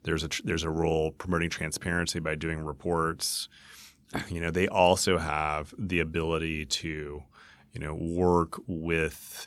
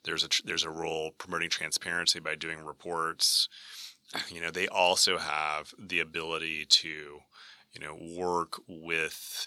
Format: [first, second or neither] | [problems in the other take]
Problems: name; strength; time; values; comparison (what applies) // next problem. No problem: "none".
first | thin; somewhat; fading below 950 Hz